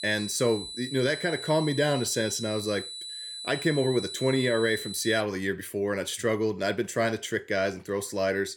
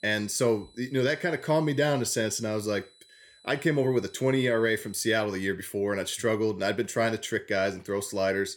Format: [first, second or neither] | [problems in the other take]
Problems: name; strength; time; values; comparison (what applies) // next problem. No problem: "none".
second | high-pitched whine; loud; until 5 s; 4 kHz, 8 dB below the speech; faint in the second